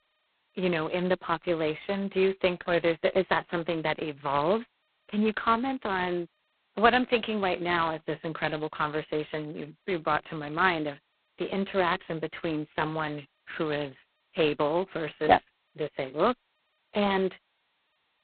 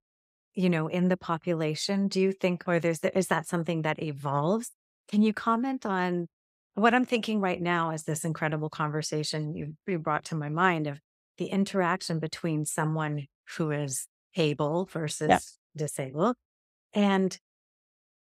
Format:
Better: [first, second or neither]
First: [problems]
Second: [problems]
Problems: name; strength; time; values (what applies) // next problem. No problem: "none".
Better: second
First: phone-call audio; poor line; nothing above 4 kHz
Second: none